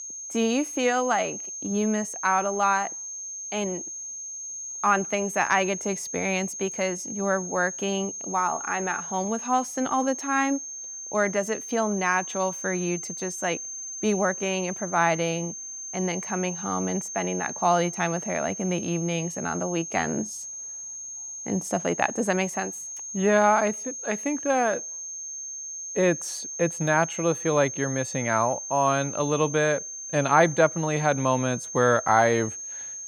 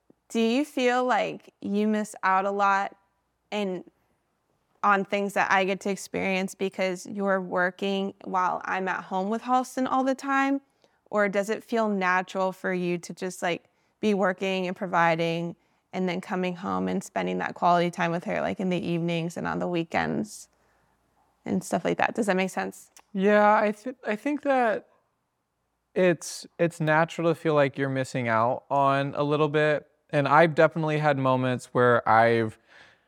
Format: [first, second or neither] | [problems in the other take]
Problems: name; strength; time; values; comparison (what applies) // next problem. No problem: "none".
second | high-pitched whine; loud; throughout; 6.5 kHz, 7 dB below the speech